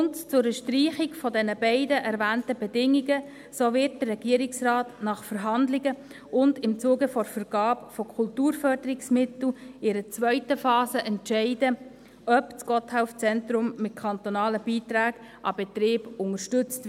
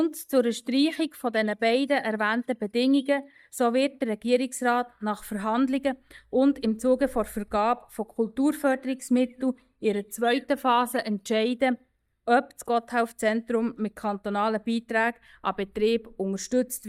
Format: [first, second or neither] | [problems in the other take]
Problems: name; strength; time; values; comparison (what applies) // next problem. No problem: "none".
first | noise reduction (neural mask model DeepFilterNet 3)